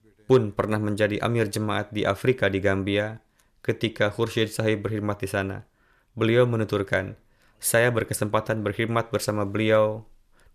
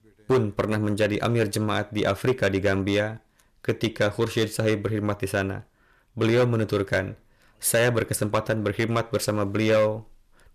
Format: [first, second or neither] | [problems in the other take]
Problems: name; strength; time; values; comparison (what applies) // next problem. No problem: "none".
first | distortion; slight; 5% of the sound clipped